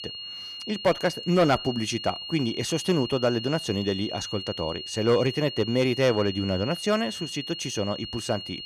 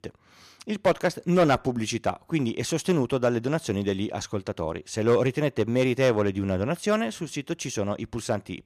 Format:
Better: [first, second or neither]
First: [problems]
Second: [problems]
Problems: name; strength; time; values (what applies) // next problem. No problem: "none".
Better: second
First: high-pitched whine; loud; throughout; 3 kHz, 8 dB below the speech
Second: none